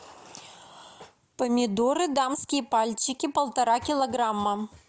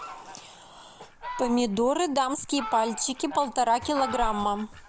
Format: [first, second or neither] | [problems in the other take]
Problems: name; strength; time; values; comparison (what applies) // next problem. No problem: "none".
first | background sound (Fowl); 11 dB below the speech